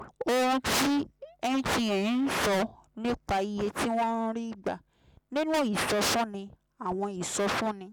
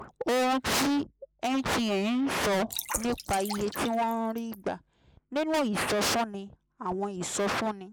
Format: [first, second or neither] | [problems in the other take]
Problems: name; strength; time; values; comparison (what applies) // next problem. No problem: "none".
first | noise reduction (neural mask model Resemble Enhance denoiser)